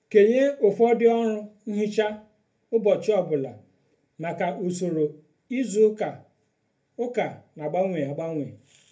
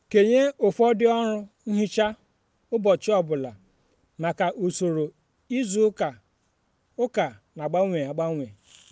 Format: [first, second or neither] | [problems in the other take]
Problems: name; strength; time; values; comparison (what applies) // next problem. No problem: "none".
second | room echo; dies away in 0.3 s